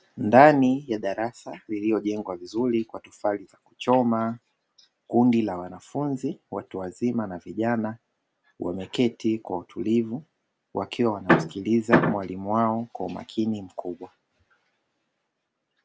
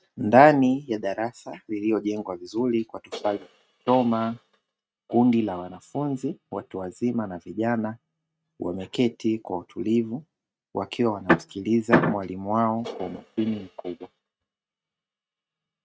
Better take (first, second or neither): first